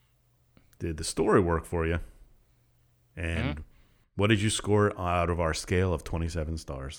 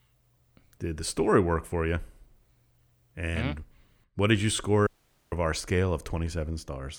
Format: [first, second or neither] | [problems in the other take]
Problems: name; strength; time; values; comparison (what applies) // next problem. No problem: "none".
first | audio cutting out; at 5 s